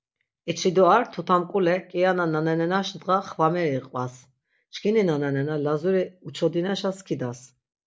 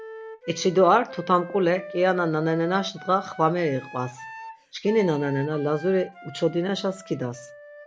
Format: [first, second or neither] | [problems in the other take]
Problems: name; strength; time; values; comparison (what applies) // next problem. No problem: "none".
first | background sound (Wind instrument, woodwind instrument); 16 dB below the speech